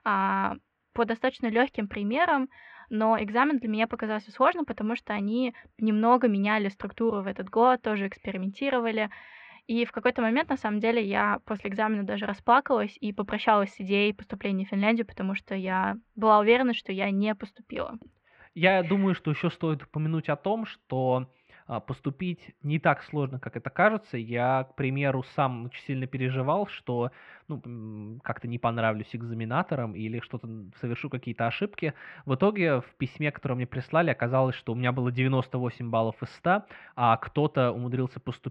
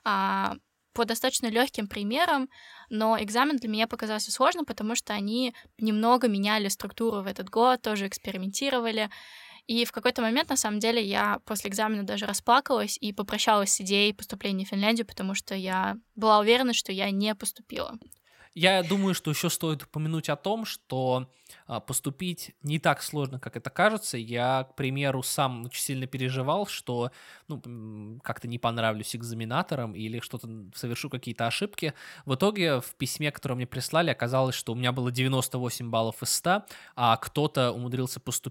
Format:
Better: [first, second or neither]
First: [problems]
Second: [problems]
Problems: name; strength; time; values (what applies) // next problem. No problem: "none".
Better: second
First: muffled; very; fading above 2.5 kHz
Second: none